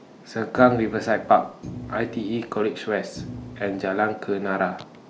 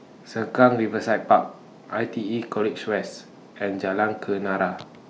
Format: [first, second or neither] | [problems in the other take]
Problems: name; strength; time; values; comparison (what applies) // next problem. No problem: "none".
second | background sound (Thump, thud); 14 dB below the speech